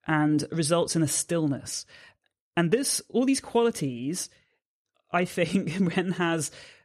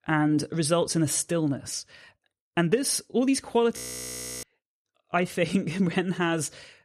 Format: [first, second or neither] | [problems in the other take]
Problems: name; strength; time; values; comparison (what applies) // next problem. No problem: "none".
first | audio freezing; at 4 s for 0.5 s